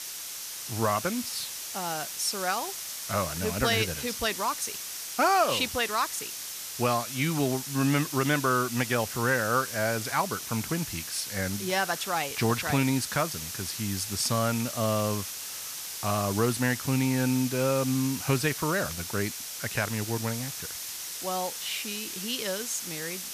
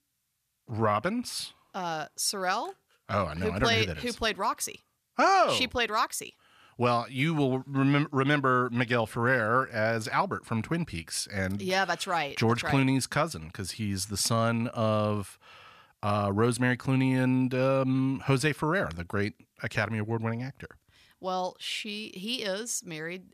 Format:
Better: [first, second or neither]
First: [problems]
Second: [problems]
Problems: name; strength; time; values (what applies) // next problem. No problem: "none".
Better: second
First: hiss; loud; throughout; 6 dB below the speech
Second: none